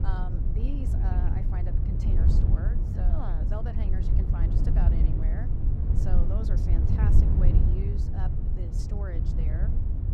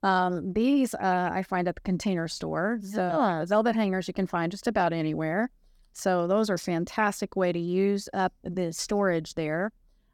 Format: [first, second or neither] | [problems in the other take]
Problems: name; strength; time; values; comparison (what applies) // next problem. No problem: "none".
second | wind noise on the microphone; heavy; 2 dB above the speech